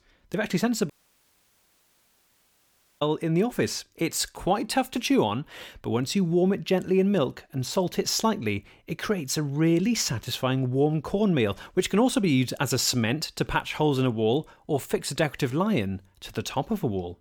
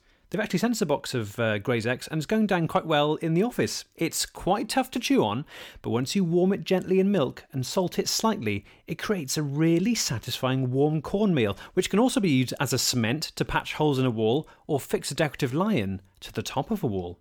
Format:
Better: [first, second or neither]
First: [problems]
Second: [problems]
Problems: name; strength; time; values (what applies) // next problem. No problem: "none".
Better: second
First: audio cutting out; at 1 s for 2 s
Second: none